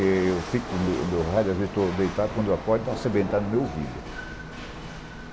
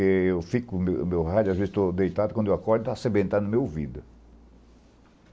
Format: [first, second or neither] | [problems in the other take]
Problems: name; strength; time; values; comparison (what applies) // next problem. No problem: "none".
second | background sound (Rattle / Chatter / Hiss / Engine / Mechanisms); 9 dB below the speech